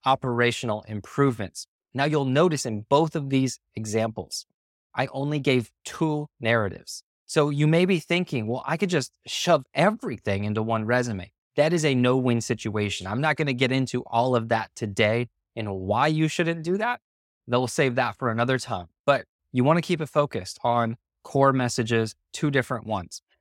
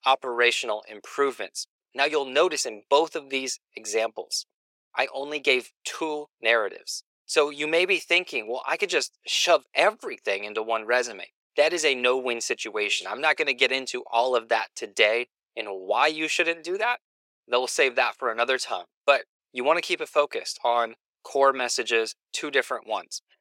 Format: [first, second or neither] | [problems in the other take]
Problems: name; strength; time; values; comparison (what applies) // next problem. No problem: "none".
first | thin; very; fading below 400 Hz